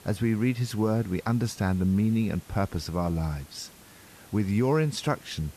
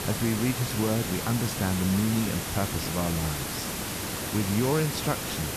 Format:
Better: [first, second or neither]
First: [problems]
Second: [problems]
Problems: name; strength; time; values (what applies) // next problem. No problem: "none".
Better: first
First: hiss; faint; throughout; 25 dB below the speech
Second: hiss; loud; throughout; 2 dB below the speech